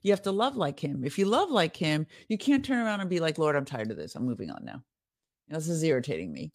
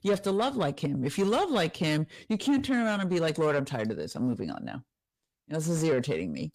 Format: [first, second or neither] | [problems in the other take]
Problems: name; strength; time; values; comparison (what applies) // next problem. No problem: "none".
first | distortion; slight; 10 dB below the speech